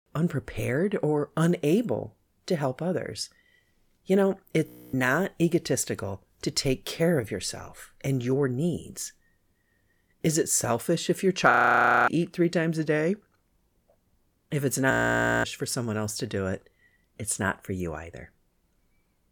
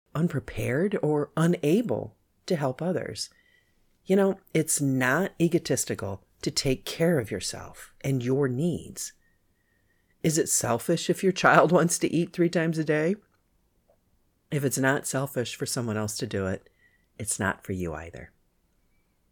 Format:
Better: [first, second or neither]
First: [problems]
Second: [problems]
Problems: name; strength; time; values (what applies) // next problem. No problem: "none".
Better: second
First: audio freezing; at 4.5 s, at 12 s for 0.5 s and at 15 s for 0.5 s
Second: none